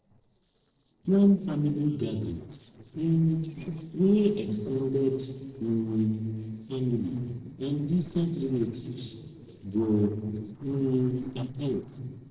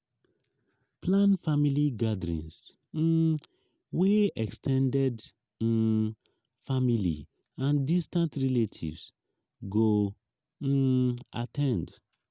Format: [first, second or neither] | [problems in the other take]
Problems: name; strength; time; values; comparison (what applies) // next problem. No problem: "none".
second | noise reduction (neural separator model SepFormer DNS4)